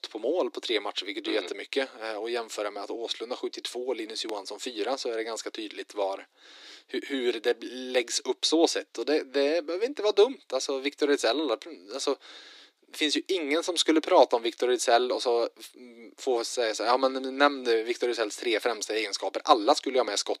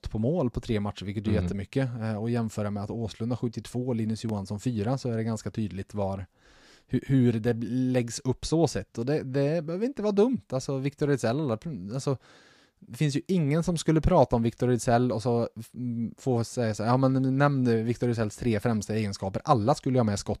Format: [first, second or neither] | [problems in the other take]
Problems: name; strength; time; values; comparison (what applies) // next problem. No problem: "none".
second | thin; very; fading below 300 Hz